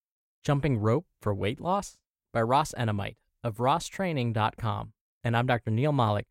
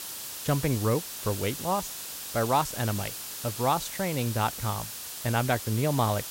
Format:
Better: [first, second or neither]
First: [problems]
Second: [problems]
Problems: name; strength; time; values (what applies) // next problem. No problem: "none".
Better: first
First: none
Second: hiss; loud; throughout; 6 dB below the speech